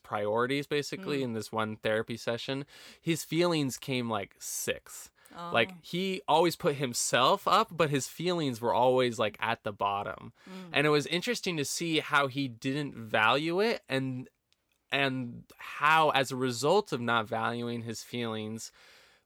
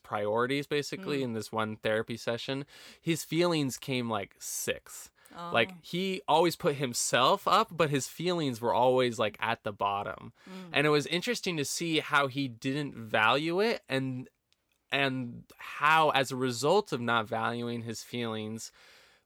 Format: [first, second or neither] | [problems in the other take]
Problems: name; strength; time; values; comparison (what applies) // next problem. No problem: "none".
neither | none